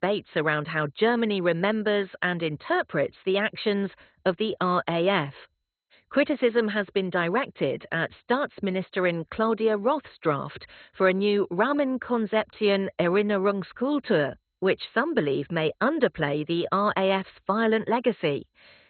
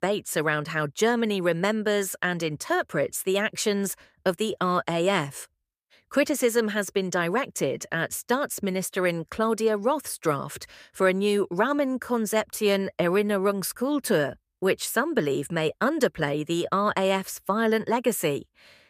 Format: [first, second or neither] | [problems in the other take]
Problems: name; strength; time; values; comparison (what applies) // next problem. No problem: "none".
second | garbled, watery; badly; nothing above 4 kHz